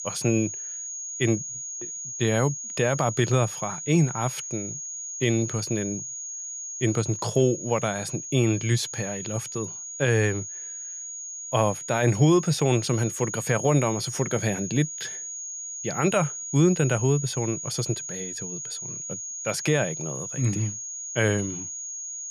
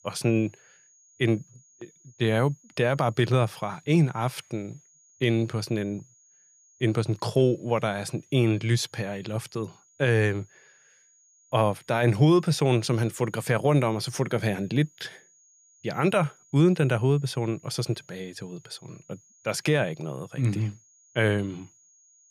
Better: second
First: high-pitched whine; loud; throughout; 6.5 kHz, 7 dB below the speech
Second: high-pitched whine; faint; throughout; 6.5 kHz, 30 dB below the speech

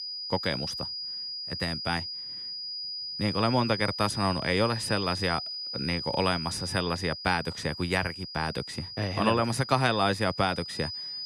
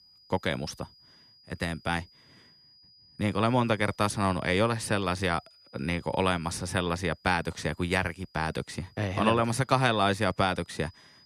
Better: second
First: high-pitched whine; loud; throughout; 5 kHz, 6 dB below the speech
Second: high-pitched whine; faint; throughout; 5 kHz, 30 dB below the speech

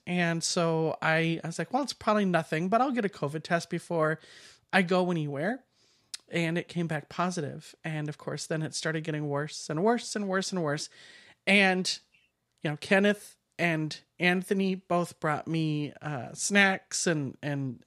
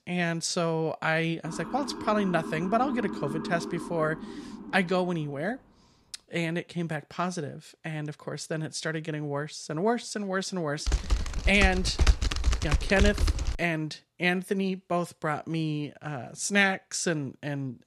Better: first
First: none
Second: siren; noticeable; from 1.5 to 5.5 s; peak 6 dB below the speech // keyboard typing; loud; from 11 to 14 s; peak 3 dB above the speech

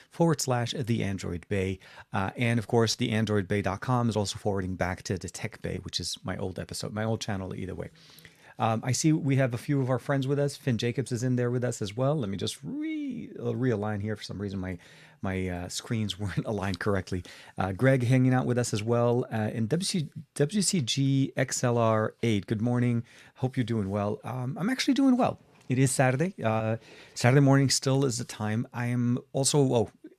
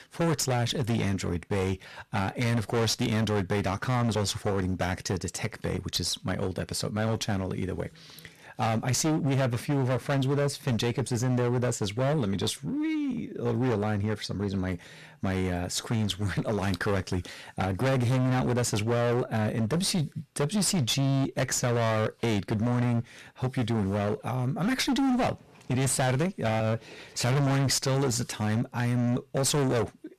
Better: first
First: none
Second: distortion; heavy; 23% of the sound clipped

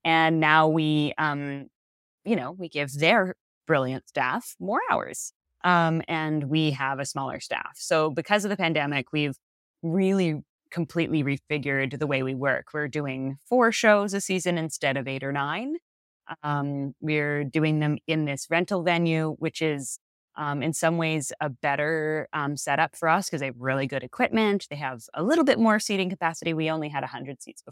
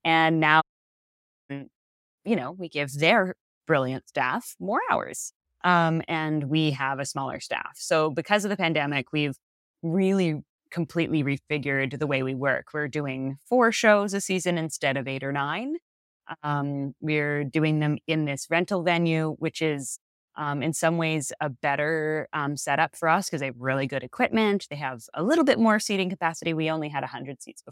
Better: first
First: none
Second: audio cutting out; at 0.5 s for 1 s

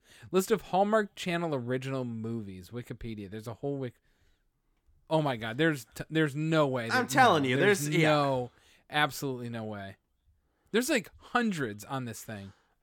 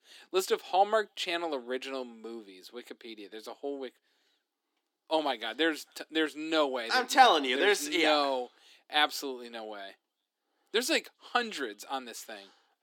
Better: first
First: none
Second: thin; somewhat; fading below 300 Hz

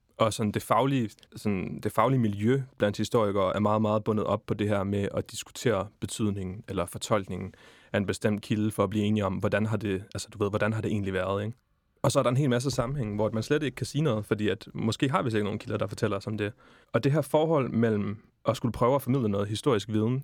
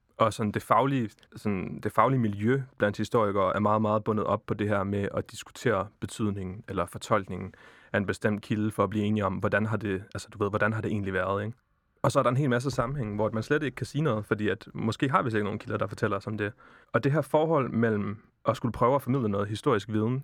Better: first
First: none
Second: muffled; very slightly; fading above 2 kHz

